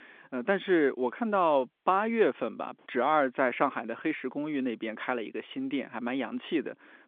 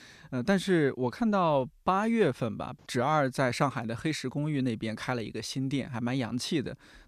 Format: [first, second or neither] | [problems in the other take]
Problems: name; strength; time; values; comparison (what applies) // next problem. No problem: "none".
second | phone-call audio; nothing above 3.5 kHz